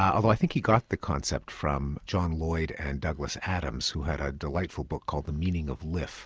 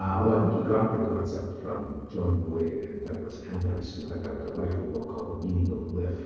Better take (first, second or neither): first